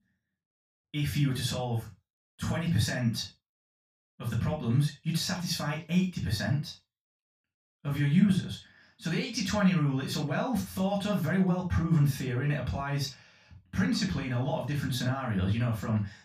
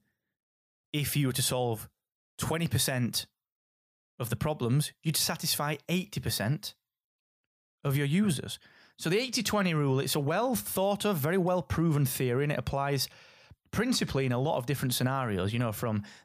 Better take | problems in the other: second | room echo; noticeable; dies away in 0.2 s // off-mic speech; far

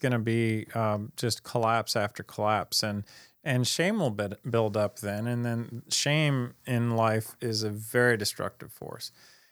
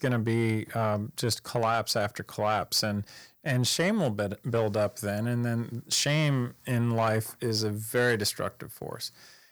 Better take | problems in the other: first | distortion; slight; 10 dB below the speech

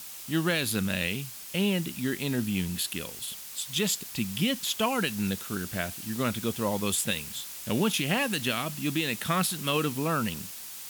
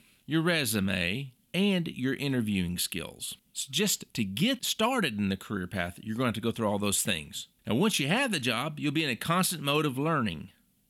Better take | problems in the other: second | hiss; loud; throughout; 9 dB below the speech

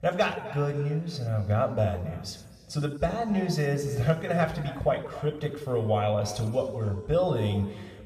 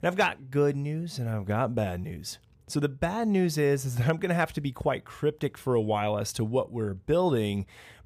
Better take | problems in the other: second | room echo; slight; dies away in 1.8 s

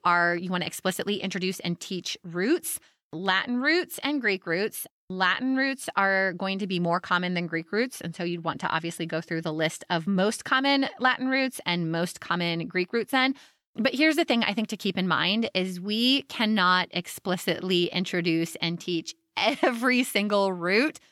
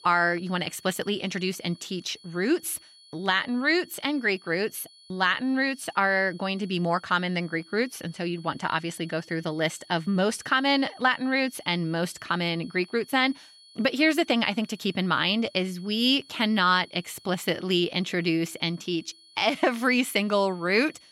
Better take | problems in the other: first | high-pitched whine; faint; throughout; 4.5 kHz, 25 dB below the speech

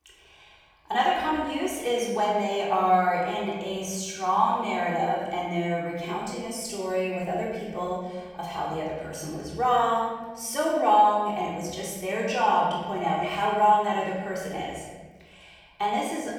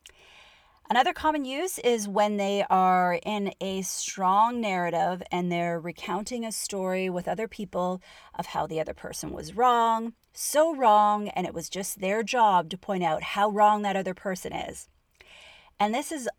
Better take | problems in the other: second | off-mic speech; far // room echo; noticeable; dies away in 1.2 s

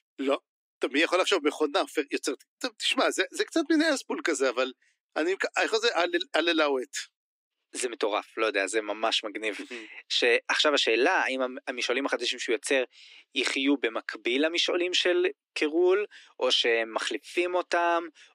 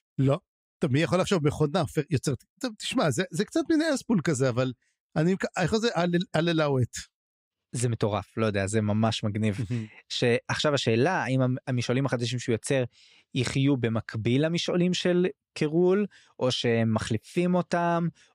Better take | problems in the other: second | thin; somewhat; fading below 300 Hz

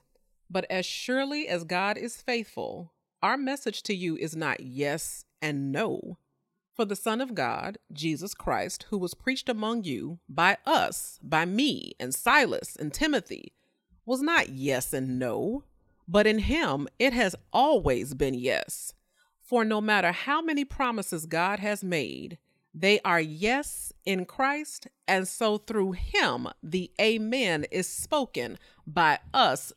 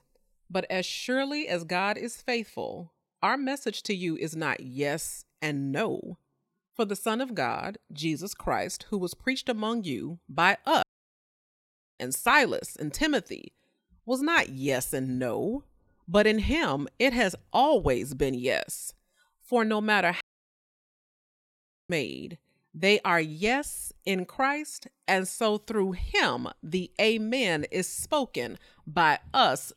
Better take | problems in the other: first | audio cutting out; at 11 s for 1 s and at 20 s for 1.5 s

